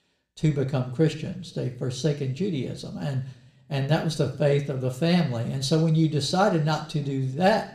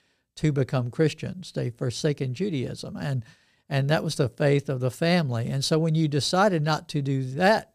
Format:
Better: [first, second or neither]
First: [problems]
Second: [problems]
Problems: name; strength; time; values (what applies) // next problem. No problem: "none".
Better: second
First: room echo; very slight; dies away in 0.6 s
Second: none